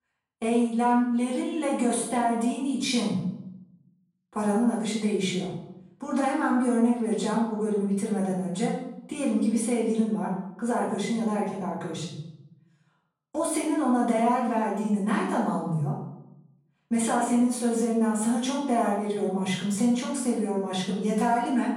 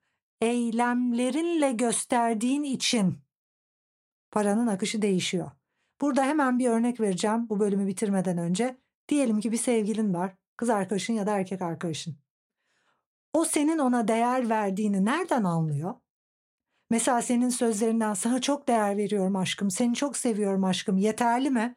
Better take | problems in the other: second | off-mic speech; far // room echo; noticeable; dies away in 0.7 s

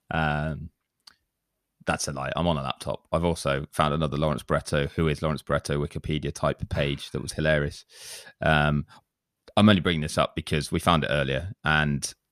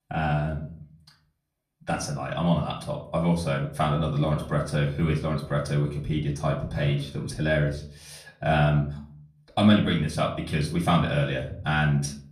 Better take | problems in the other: first | off-mic speech; far // room echo; slight; dies away in 0.4 s

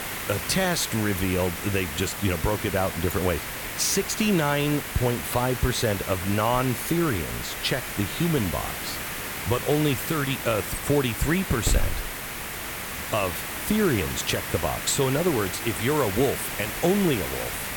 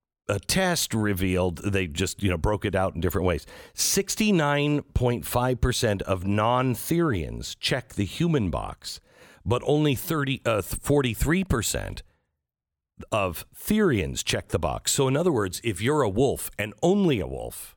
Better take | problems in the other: second | hiss; loud; throughout; 5 dB below the speech

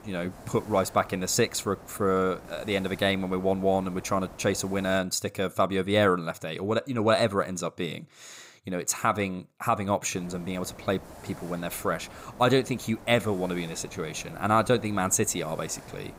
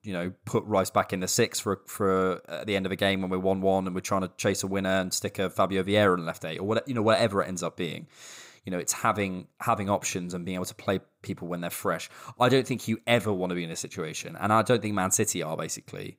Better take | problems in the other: second | hiss; noticeable; until 5 s and from 10 s on; 20 dB below the speech

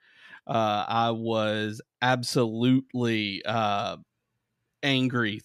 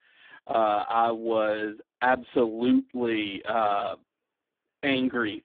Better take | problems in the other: first | phone-call audio; poor line; nothing above 3.5 kHz

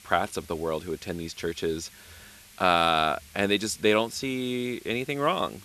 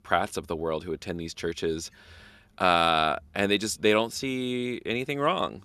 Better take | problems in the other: second | hiss; faint; throughout; 20 dB below the speech

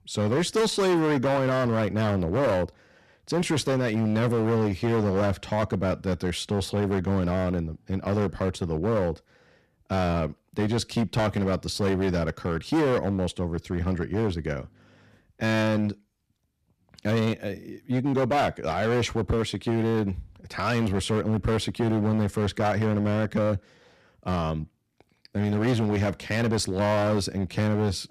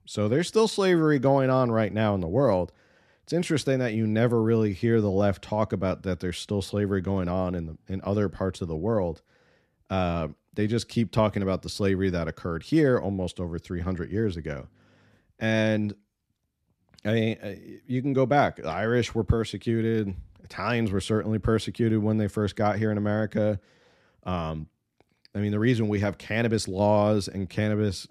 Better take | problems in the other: second | distortion; heavy; 13% of the sound clipped

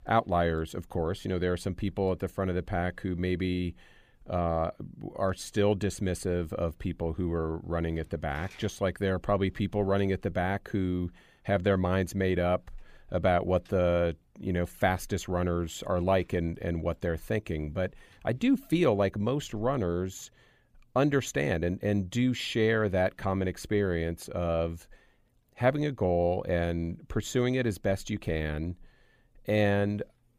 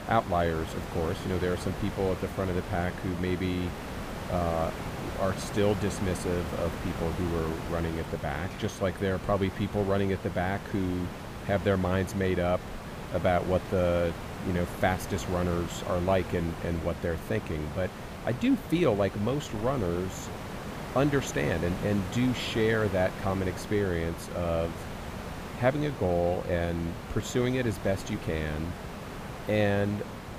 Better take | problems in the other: first | hiss; loud; throughout; 9 dB below the speech

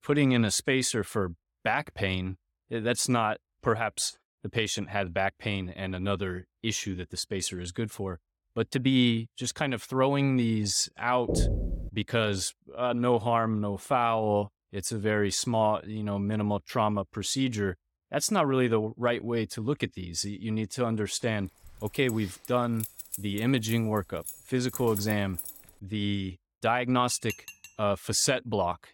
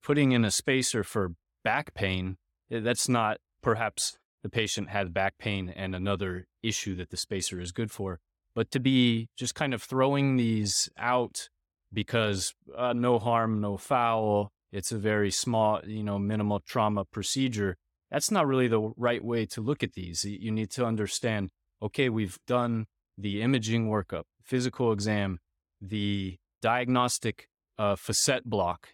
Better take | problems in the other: second | door banging; noticeable; at 11 s; peak level with the speech // jangling keys; noticeable; from 22 to 26 s; peak 7 dB below the speech // clattering dishes; faint; at 27 s; peak 10 dB below the speech

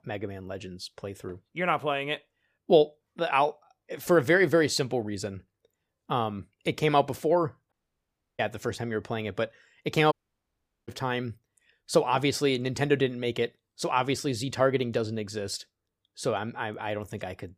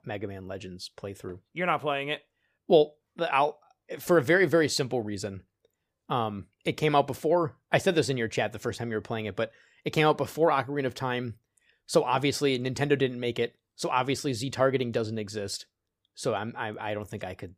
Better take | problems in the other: second | audio cutting out; at 7.5 s for 0.5 s and at 10 s for 1 s

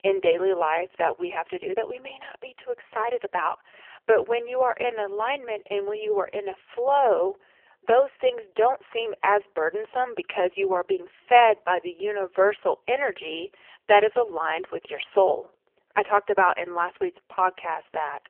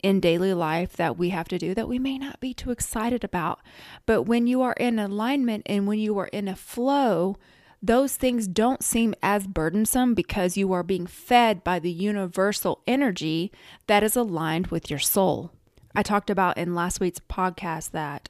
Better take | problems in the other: second | phone-call audio; poor line; nothing above 3 kHz

